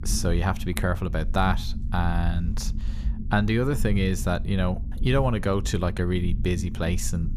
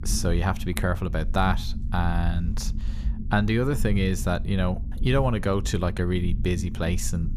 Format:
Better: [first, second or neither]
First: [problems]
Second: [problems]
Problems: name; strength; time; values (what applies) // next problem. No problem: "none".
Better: neither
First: low rumble; noticeable; throughout; 15 dB below the speech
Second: low rumble; noticeable; throughout; 15 dB below the speech